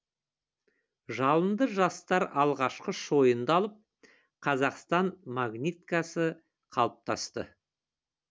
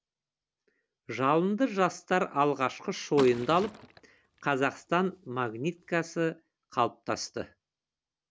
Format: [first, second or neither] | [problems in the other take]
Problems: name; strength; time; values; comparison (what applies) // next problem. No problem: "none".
first | background sound (Liquid); 15 dB below the speech